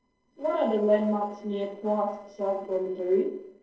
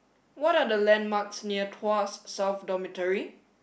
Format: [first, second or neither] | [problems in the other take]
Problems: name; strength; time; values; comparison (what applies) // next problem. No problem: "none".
second | noise reduction (neural separator model SepFormer DNS4)